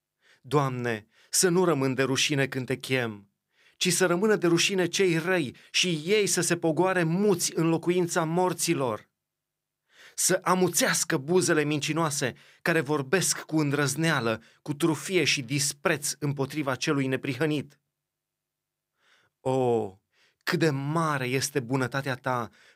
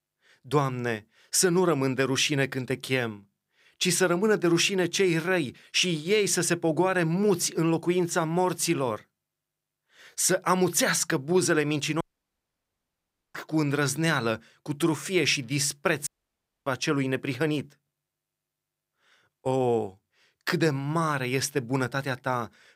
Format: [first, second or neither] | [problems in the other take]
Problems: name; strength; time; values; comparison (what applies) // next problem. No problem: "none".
first | audio cutting out; at 12 s for 1.5 s and at 16 s for 0.5 s